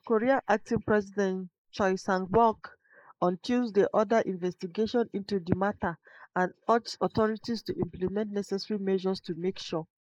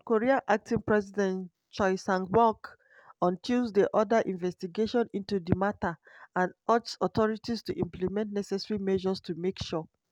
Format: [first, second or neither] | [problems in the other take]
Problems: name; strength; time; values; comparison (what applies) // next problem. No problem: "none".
second | noise reduction (neural mask model Resemble Enhance denoiser)